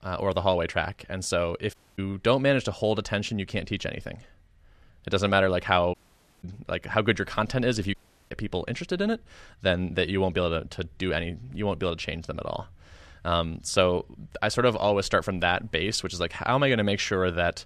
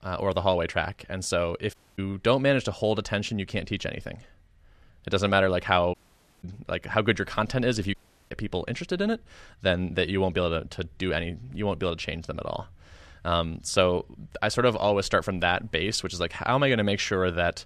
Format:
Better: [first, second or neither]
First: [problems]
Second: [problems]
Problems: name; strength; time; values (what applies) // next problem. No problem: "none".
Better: neither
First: audio cutting out; at 1.5 s, at 6 s and at 8 s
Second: audio cutting out; at 1.5 s, at 6 s and at 8 s